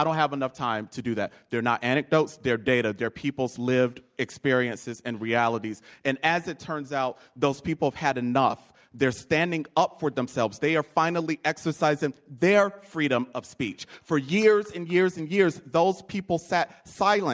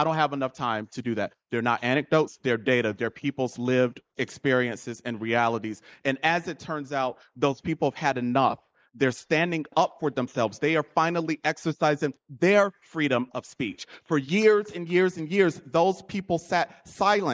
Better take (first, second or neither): first